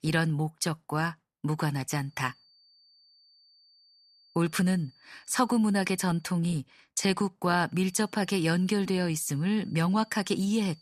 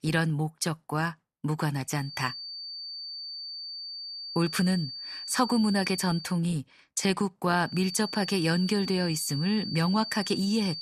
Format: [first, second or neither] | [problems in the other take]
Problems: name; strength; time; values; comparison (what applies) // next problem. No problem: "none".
first | high-pitched whine; loud; from 2 to 6.5 s and from 7.5 s on; 4.5 kHz, 8 dB below the speech; faint in the first